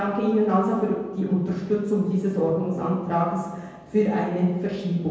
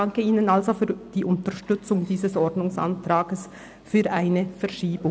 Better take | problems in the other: second | room echo; dies away in 1.2 s

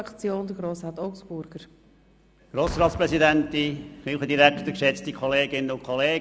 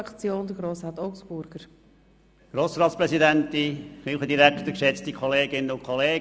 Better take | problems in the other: second | background sound (Boom); 18 dB below the speech

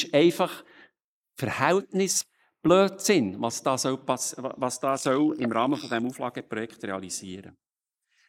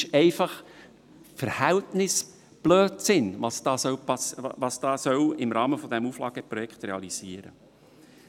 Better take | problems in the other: second | noise reduction (neural mask model Resemble Enhance denoiser)

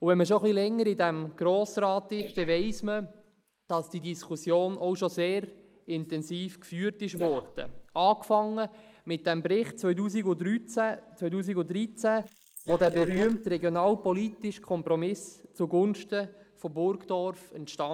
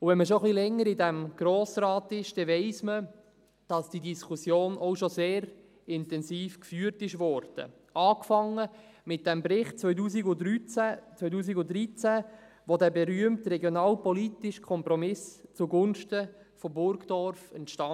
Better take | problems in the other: second | noise reduction (neural mask model Resemble Enhance denoiser)

